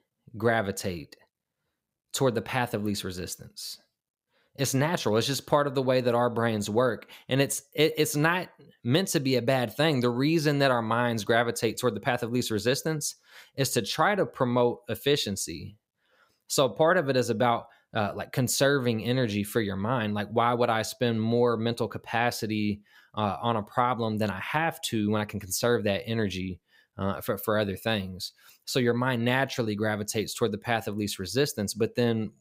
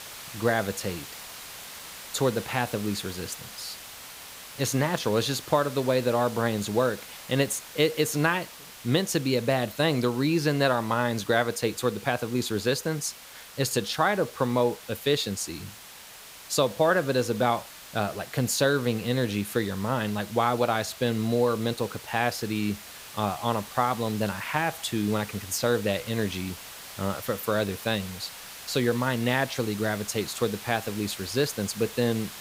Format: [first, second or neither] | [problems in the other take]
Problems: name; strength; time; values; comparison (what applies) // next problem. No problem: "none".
first | hiss; noticeable; throughout; 15 dB below the speech